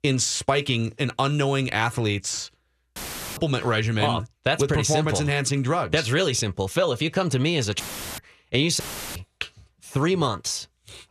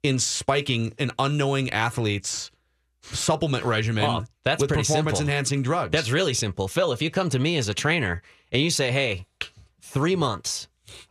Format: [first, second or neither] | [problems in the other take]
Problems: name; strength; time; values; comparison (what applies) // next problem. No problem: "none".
second | audio cutting out; filled with static; at 3 s, at 8 s and at 9 s